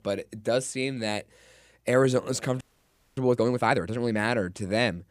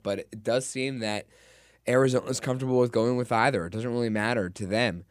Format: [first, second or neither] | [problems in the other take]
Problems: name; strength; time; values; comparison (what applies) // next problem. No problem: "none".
second | audio freezing; at 2.5 s for 0.5 s